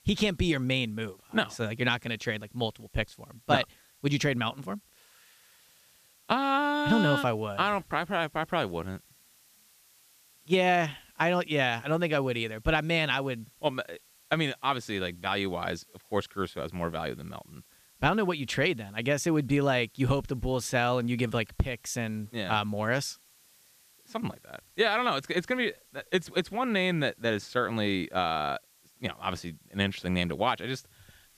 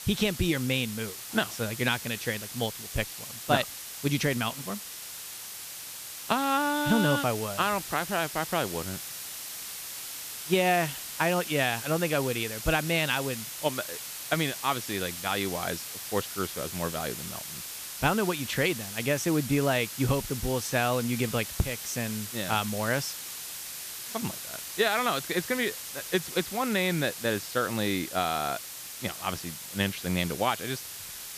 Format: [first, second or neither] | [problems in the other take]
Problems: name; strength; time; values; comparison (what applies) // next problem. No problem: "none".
first | hiss; loud; throughout; 7 dB below the speech; faint in the first